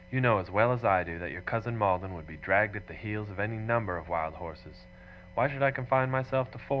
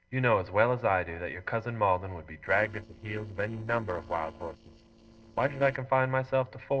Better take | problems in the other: first | noise reduction (neural separator model SepFormer DNS4)

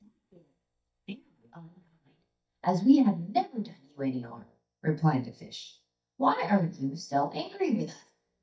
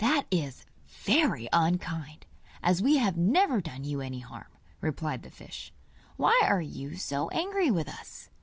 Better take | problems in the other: second | noise reduction (neural mask model DeepFilterNet 3)

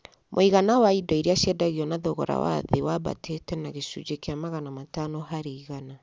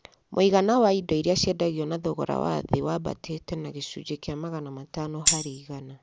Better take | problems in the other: first | background sound (Tambourine); 1 dB above the speech

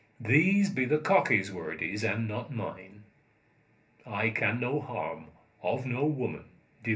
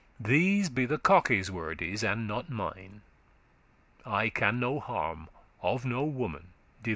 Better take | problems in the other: second | room echo; dies away in 0.3 s

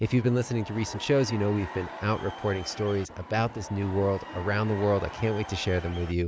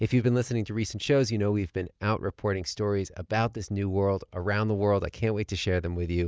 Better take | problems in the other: second | background sound (Crowd / Cheering); 13 dB below the speech

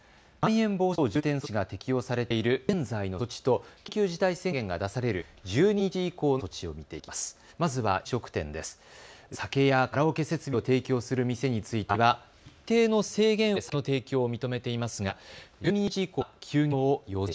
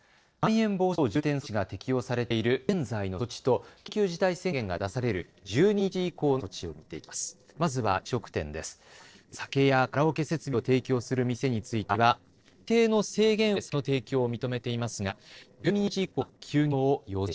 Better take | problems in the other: first | noise reduction (neural separator model SepFormer DNS4)

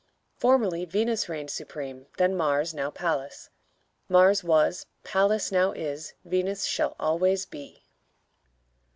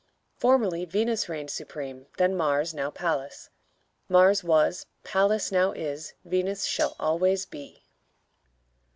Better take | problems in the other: first | background sound (Cutlery, silverware); 19 dB below the speech

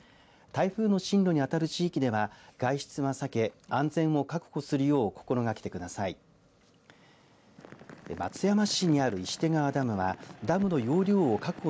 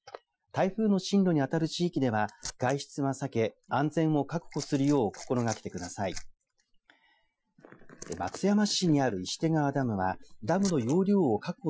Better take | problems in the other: first | noise reduction (classical method Wiener filter)

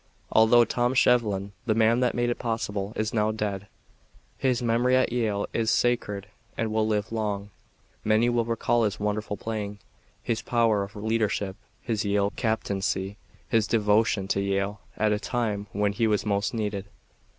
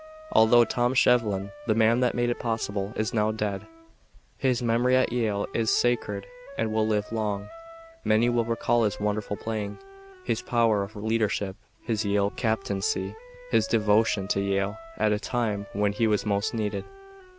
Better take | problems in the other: first | background sound (Wind instrument, woodwind instrument); 18 dB below the speech

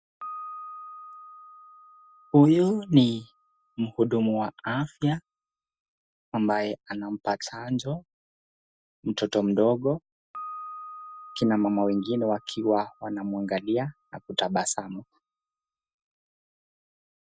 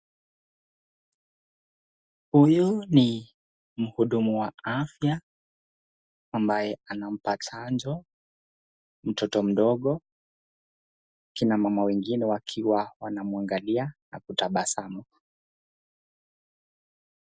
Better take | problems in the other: second | background sound (Piano); 20 dB below the speech

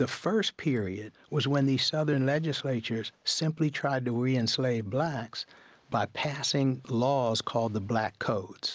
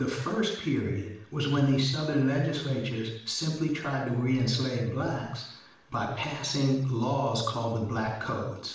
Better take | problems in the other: first | room echo; dies away in 0.7 s

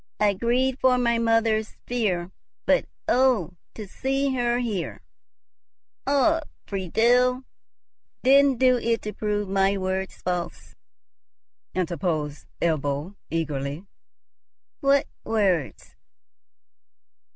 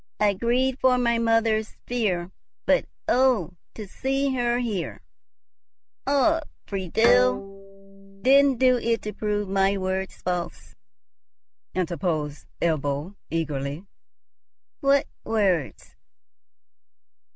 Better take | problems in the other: first | background sound (Bowed string instrument); 11 dB below the speech

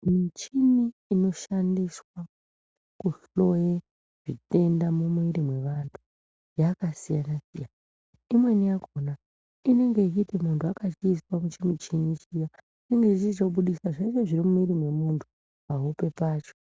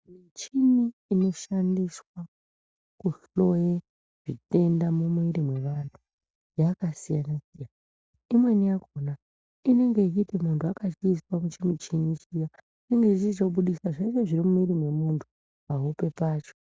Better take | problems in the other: first | noise reduction (neural mask model DeepFilterNet 3)

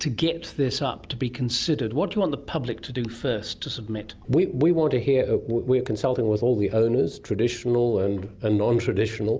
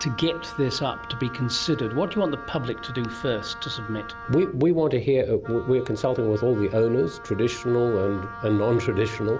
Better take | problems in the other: first | background sound (Wind instrument, woodwind instrument); 15 dB below the speech

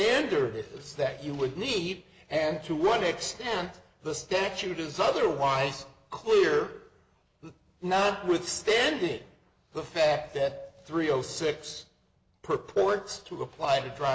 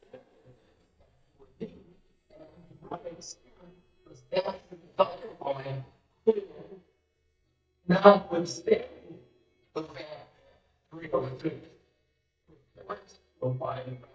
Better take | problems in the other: first | noise reduction (neural mask model DeepFilterNet 3)

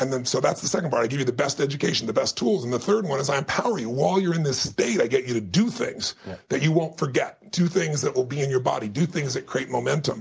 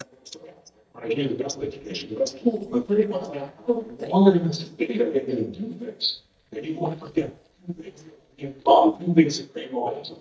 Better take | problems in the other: first | noise reduction (neural mask model DeepFilterNet 3)

